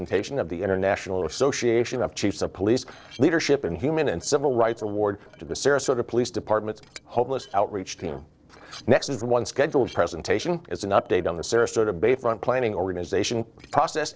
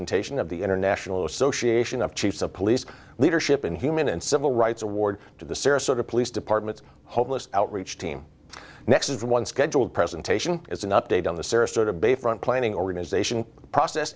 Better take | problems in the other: second | noise reduction (neural separator model SepFormer DNS4)

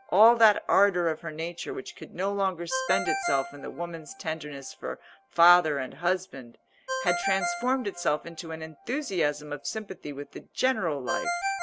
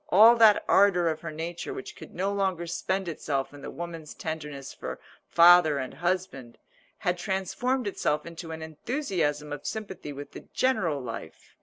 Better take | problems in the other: second | background sound (Ringtone); 9 dB below the speech

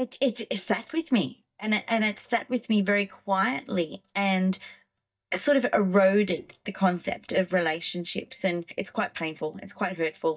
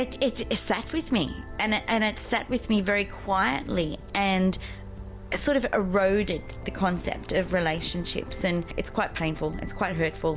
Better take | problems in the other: second | noise reduction (neural mask model DeepFilterNet 3)

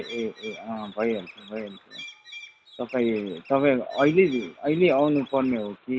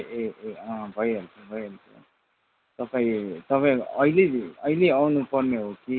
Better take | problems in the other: second | background sound (Bird); 20 dB below the speech

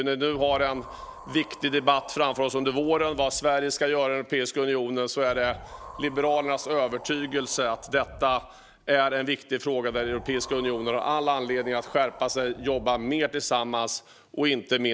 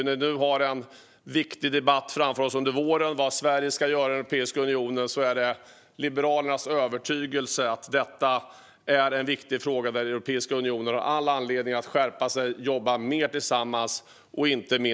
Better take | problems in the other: second | background sound (Wind); 18 dB below the speech

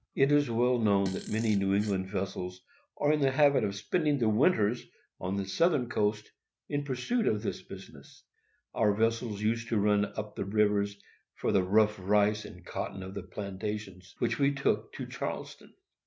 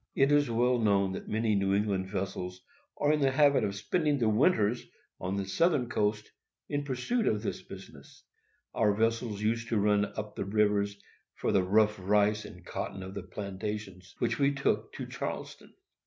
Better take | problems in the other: second | background sound (Fart); 17 dB below the speech

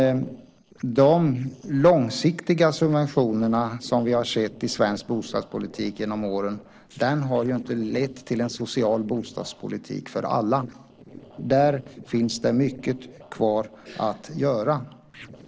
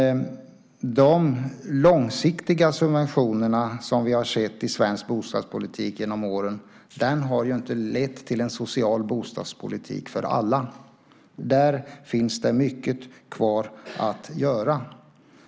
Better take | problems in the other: second | noise reduction (neural separator model SepFormer DNS4)

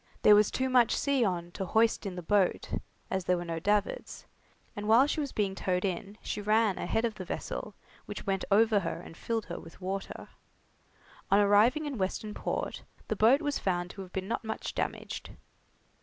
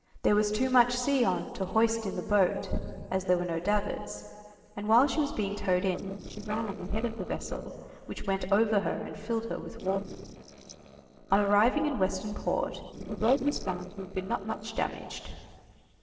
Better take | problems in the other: first | noise reduction (neural separator model SepFormer DNS4)

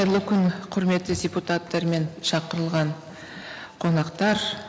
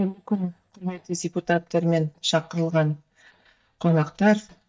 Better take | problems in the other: first | noise reduction (neural mask model DeepFilterNet 3)

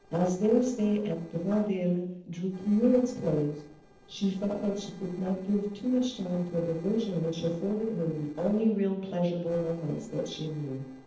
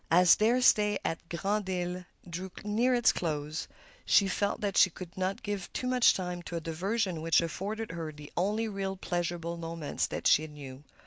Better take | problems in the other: second | noise reduction (neural separator model SepFormer DNS4)

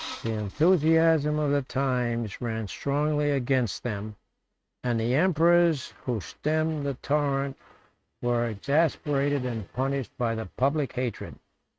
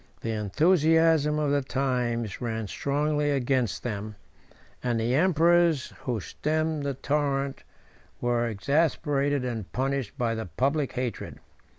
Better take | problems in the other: second | noise reduction (neural mask model RNNoise)

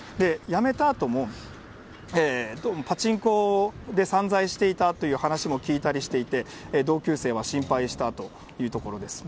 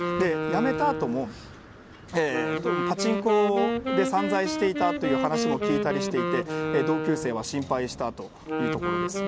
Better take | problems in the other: first | background sound (Wind instrument, woodwind instrument); 1 dB below the speech

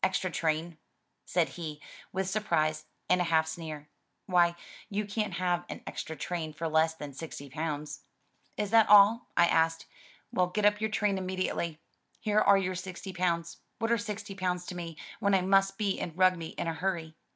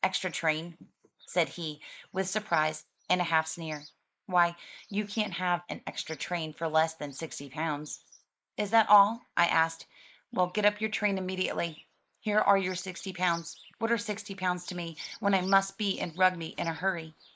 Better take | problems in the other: first | noise reduction (neural mask model Resemble Enhance denoiser)

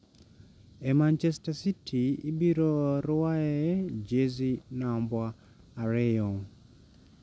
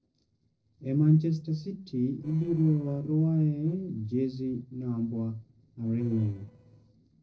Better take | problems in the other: first | noise reduction (neural separator model SepFormer DNS4)

